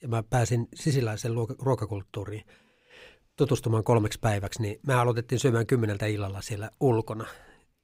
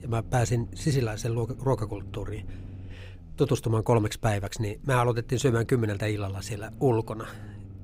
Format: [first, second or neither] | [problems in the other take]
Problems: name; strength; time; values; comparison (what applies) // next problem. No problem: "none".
first | low rumble; faint; throughout; 25 dB below the speech